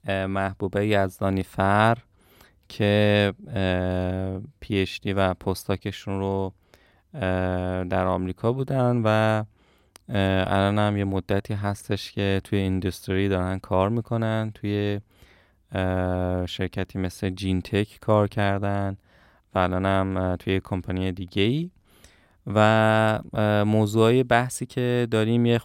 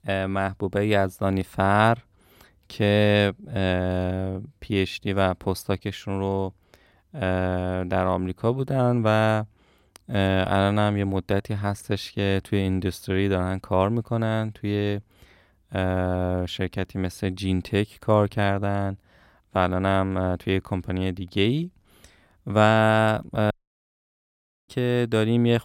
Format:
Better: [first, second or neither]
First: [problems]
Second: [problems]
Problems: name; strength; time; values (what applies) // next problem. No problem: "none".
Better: first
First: none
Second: audio cutting out; at 24 s for 1 s